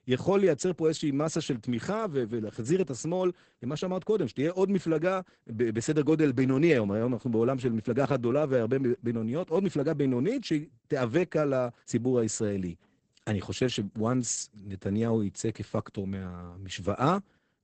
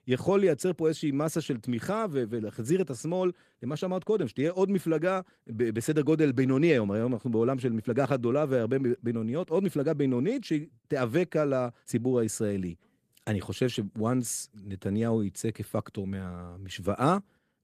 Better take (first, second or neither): second